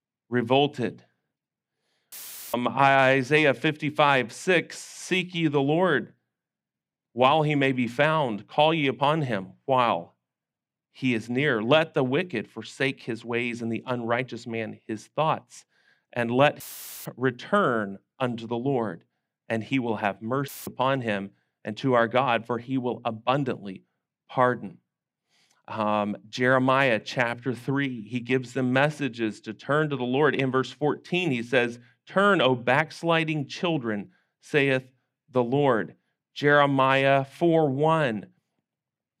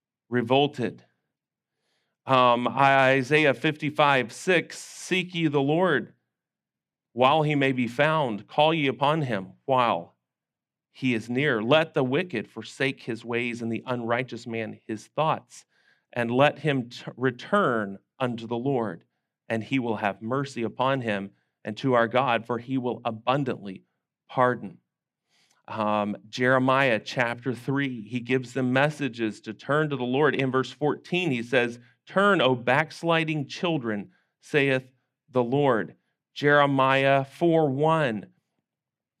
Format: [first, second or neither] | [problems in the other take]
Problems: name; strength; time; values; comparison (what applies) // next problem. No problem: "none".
second | audio cutting out; filled with static; at 2 s, at 17 s and at 20 s